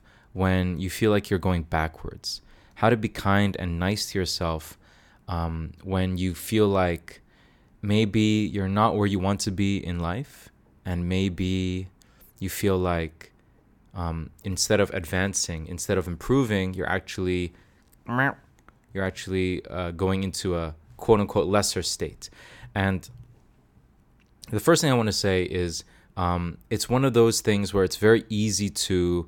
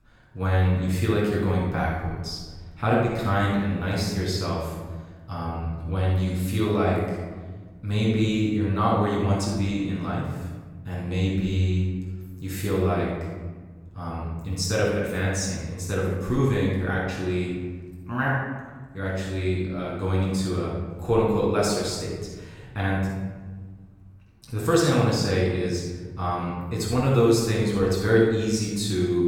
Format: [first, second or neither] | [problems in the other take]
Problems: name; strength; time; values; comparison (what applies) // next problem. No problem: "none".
first | off-mic speech; far // room echo; strong; dies away in 1.4 s